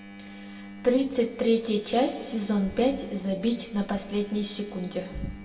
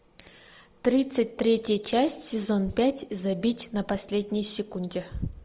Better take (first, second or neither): second